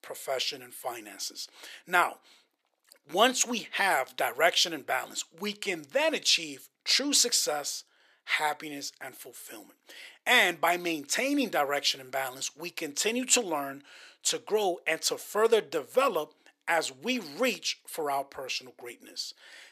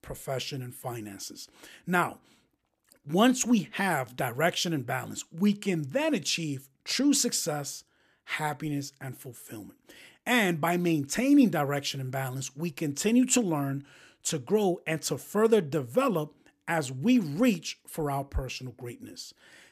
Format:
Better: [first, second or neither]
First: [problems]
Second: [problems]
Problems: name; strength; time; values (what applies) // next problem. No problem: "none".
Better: second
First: thin; somewhat; fading below 550 Hz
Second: none